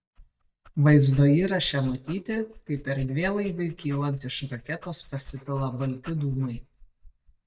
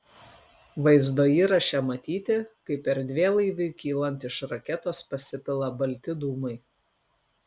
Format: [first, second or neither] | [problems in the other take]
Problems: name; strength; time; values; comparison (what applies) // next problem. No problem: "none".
second | noise reduction (neural mask model DeepFilterNet 3)